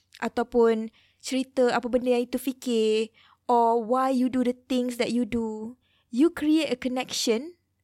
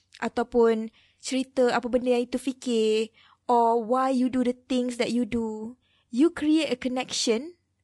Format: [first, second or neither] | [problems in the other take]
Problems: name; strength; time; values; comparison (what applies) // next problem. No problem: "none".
first | garbled, watery; slightly; nothing above 11 kHz